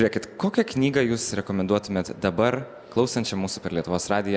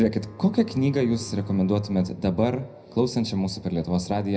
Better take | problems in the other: first | background sound (Bowed string instrument); 17 dB below the speech // room echo; dies away in 0.3 s

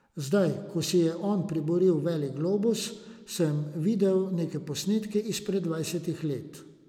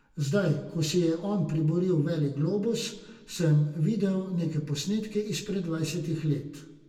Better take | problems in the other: first | room echo; dies away in 0.3 s

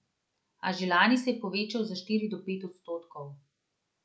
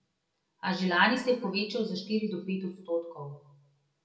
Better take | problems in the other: first | room echo; dies away in 0.6 s

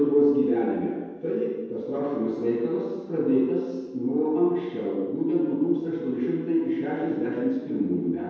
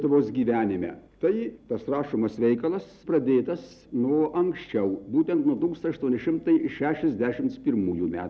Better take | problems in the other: second | room echo; dies away in 1.2 s

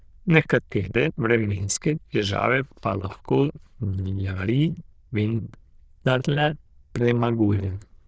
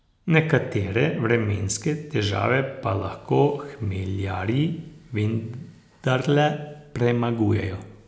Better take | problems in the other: second | noise reduction (neural diffusion model UNIVERSE++)

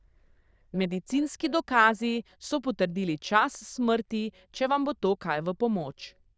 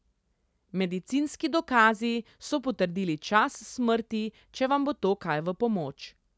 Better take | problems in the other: second | noise reduction (neural diffusion model UNIVERSE++)

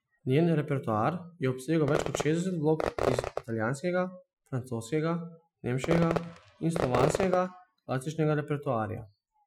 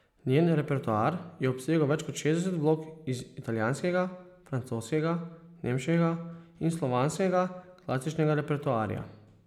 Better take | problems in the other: second | noise reduction (classical method Wiener filter)

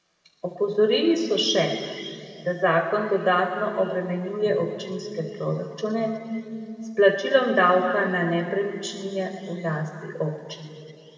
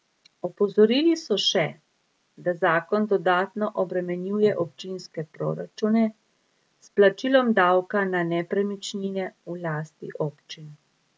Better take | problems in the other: second | room echo; dies away in 2.5 s

